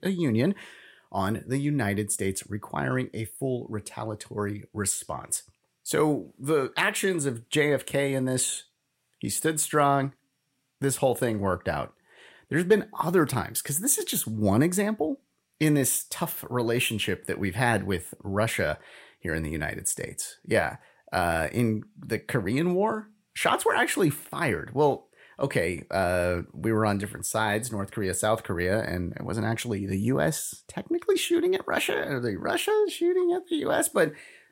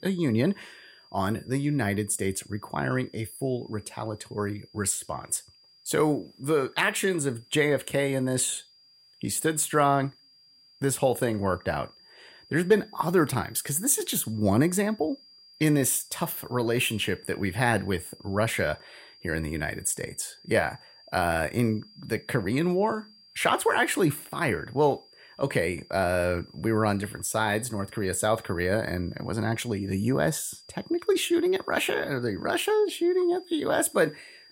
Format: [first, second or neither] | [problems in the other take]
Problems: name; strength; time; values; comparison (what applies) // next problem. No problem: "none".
first | high-pitched whine; faint; throughout; 5 kHz, 25 dB below the speech